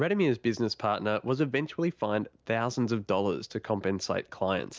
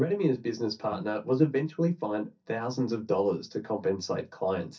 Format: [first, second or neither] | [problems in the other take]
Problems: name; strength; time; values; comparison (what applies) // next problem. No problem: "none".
first | noise reduction (neural mask model DeepFilterNet 3)